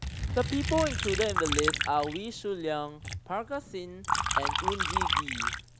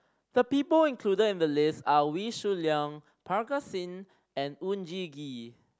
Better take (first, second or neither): second